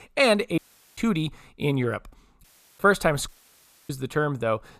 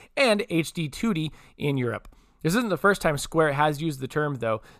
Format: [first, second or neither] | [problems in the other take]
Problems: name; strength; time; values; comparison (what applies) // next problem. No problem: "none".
second | audio cutting out; at 0.5 s, at 2.5 s and at 3.5 s for 0.5 s